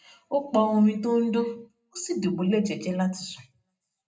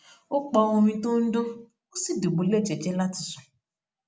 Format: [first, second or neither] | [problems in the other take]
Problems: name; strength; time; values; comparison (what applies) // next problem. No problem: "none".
second | room echo; dies away in 0.2 s